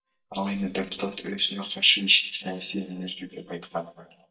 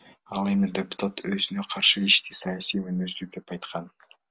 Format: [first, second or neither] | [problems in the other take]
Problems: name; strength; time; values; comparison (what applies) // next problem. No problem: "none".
second | noise reduction (neural mask model DeepFilterNet 3)